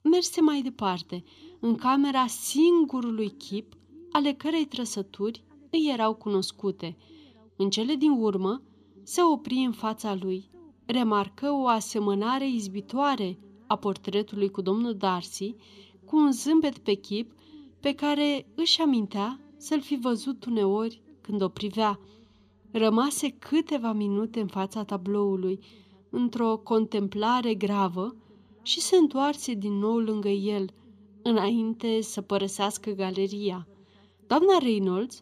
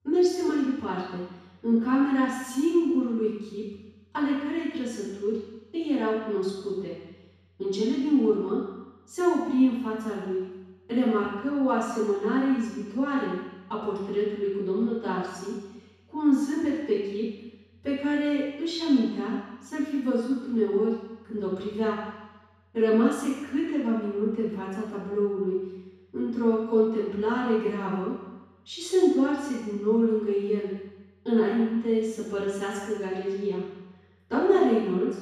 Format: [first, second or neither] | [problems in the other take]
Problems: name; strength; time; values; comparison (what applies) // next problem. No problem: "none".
first | room echo; strong; dies away in 1.1 s; slight in the first // off-mic speech; far